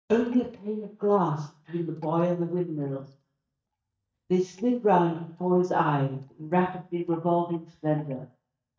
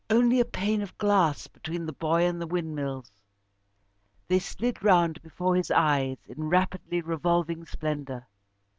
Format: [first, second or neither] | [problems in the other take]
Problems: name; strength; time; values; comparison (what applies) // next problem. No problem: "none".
second | noise reduction (neural mask model DeepFilterNet 3)